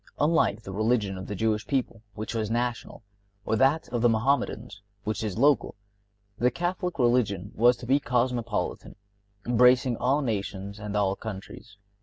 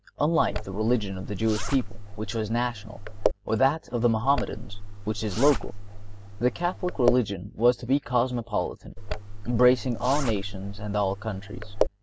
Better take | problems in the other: first | background sound (Zipper (clothing)); 3 dB below the speech

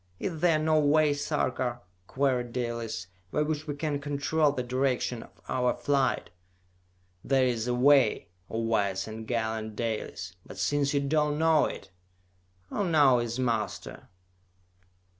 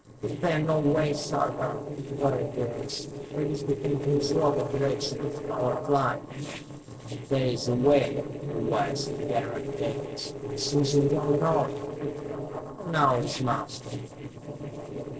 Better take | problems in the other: first | noise reduction (neural separator model SepFormer DNS4)

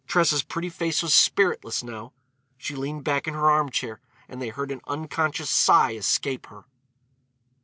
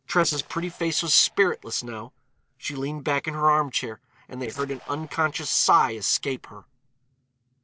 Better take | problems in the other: first | noise reduction (neural separator model SepFormer DNS4)

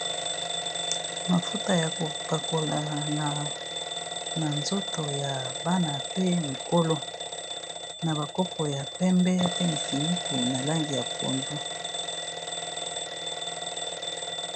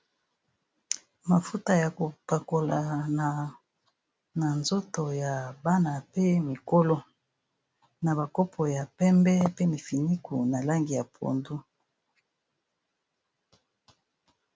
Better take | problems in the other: second | background sound (Alarm / Bell); 2 dB below the speech

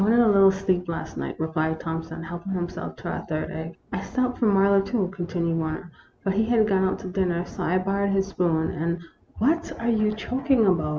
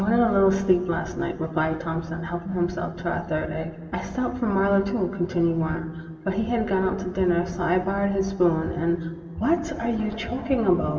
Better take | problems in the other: first | room echo; dies away in 2.4 s

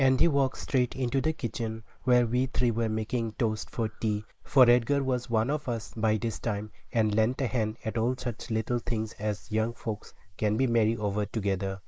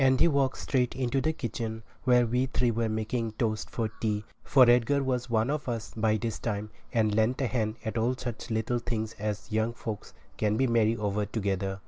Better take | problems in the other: second | noise reduction (neural mask model Resemble Enhance denoiser)

